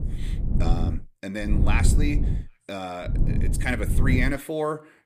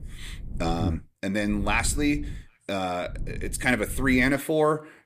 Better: second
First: low rumble; loud; at the start, at 1.5 s and from 3 to 4.5 s; 8 dB below the speech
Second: low rumble; faint; at the start, at 1.5 s and from 3 to 4.5 s; 25 dB below the speech

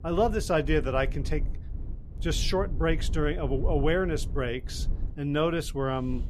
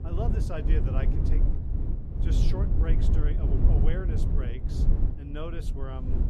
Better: first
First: low rumble; faint; throughout; 20 dB below the speech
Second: low rumble; loud; throughout; 1 dB below the speech

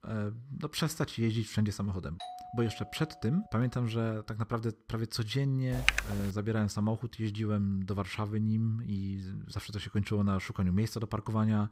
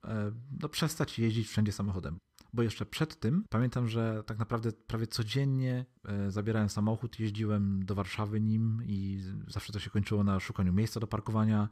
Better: second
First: doorbell; faint; from 2 to 3.5 s; peak 10 dB below the speech // keyboard typing; loud; at 6 s; peak 4 dB above the speech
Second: none

